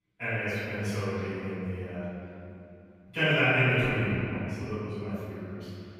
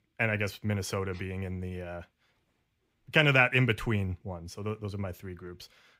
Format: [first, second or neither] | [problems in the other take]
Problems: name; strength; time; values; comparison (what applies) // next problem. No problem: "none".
second | off-mic speech; far // room echo; strong; dies away in 2.8 s